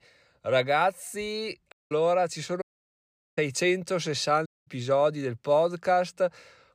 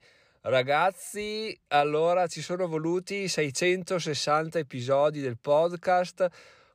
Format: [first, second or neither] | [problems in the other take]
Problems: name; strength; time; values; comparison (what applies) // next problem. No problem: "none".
second | audio cutting out; at 1.5 s, at 2.5 s for 1 s and at 4.5 s